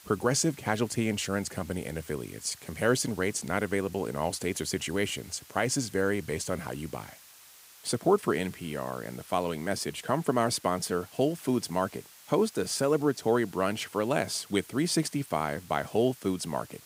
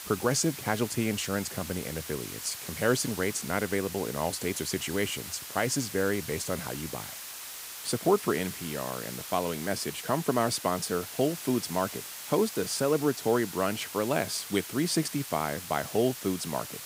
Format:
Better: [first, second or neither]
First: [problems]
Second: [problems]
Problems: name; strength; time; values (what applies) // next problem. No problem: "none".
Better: first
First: hiss; faint; throughout; 20 dB below the speech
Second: hiss; loud; throughout; 8 dB below the speech